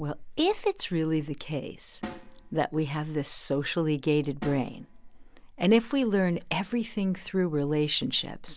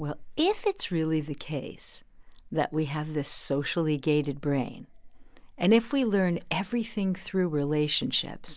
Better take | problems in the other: second | background sound (Snare drum); 18 dB below the speech

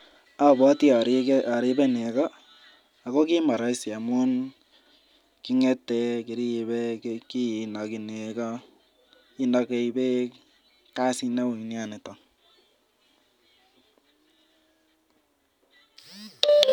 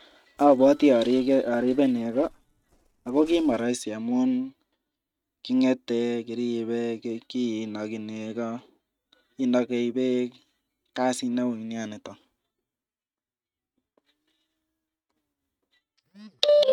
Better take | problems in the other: first | noise reduction (neural mask model RNNoise)

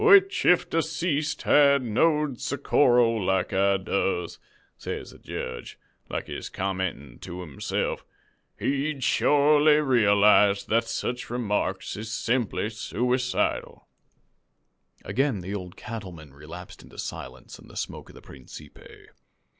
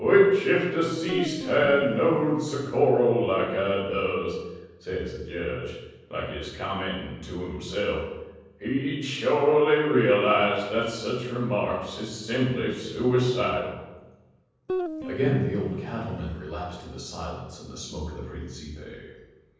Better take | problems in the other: first | background sound (Guitar); 9 dB below the speech // room echo; dies away in 1.1 s

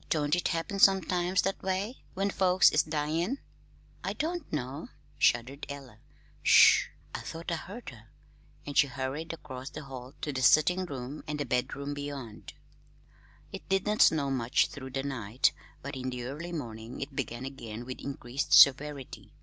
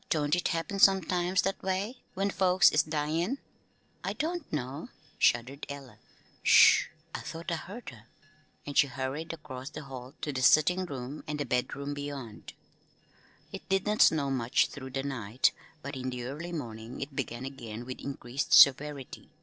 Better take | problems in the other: first | noise reduction (neural separator model SepFormer DNS4)

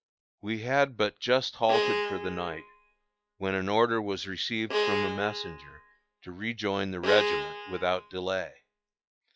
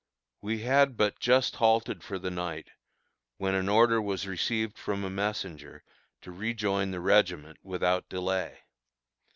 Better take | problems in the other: second | noise reduction (classical method log-MMSE)

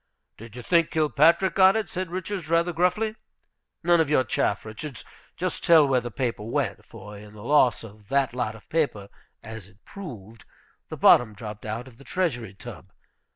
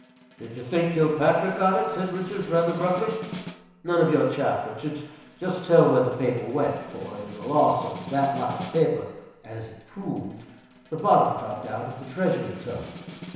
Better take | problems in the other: first | background sound (Snare drum); 17 dB below the speech // room echo; dies away in 1 s

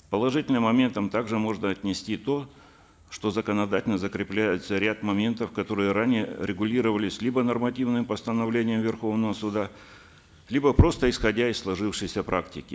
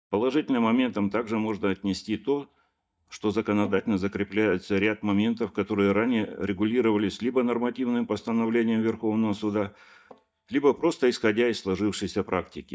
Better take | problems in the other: first | noise reduction (neural mask model DeepFilterNet 3)

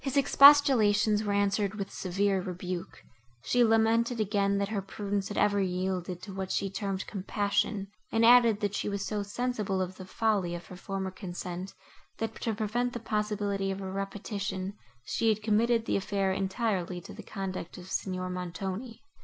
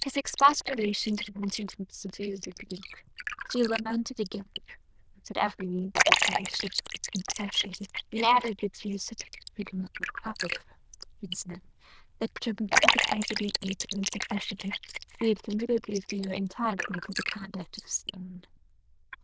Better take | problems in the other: first | noise reduction (neural diffusion model UNIVERSE++)

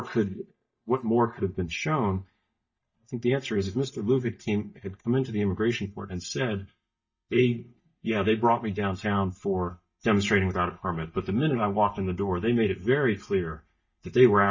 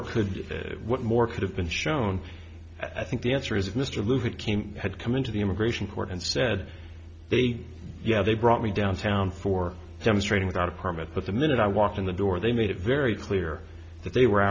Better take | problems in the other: second | noise reduction (neural mask model DeepFilterNet 3)

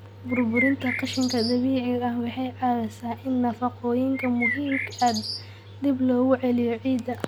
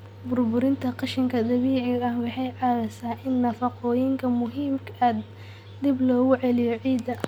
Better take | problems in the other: second | background sound (Bird); 6 dB below the speech

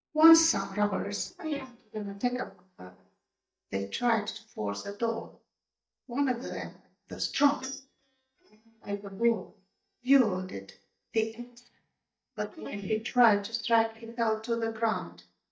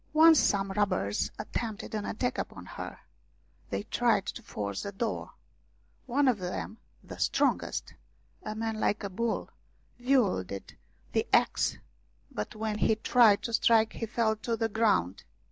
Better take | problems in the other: second | noise reduction (neural mask model DeepFilterNet 3)

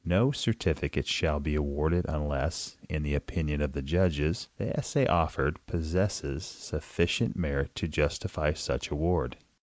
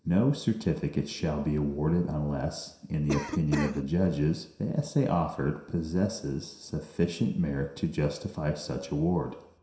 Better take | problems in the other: first | background sound (Cough); 7 dB below the speech // room echo; dies away in 0.7 s

